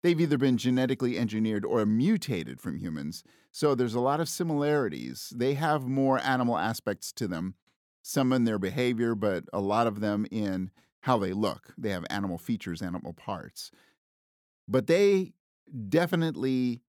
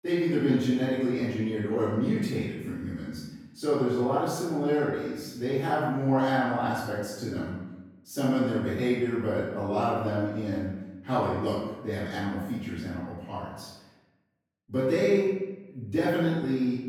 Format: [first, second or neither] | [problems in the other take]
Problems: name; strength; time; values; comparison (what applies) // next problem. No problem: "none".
first | off-mic speech; far // room echo; strong; dies away in 0.9 s